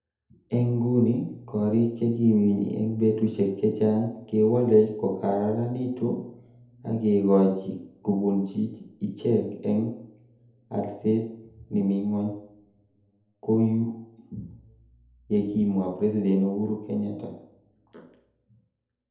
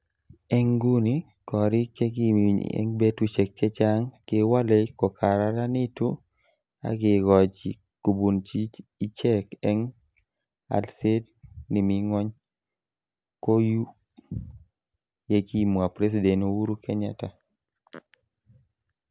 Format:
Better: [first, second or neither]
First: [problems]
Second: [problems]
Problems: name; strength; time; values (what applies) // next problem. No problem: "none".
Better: second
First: room echo; dies away in 2.1 s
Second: none